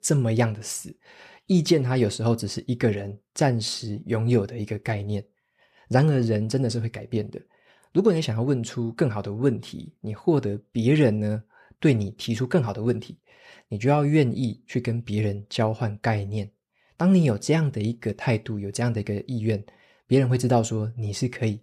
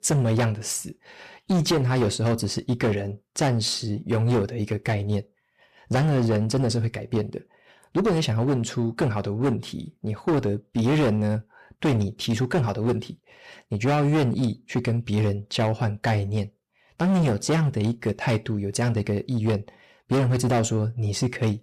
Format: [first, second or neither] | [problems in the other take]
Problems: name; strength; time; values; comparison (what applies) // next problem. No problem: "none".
first | distortion; heavy; 12% of the sound clipped